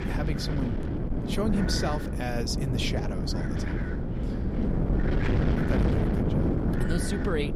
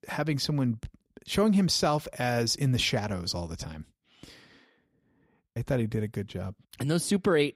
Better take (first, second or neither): second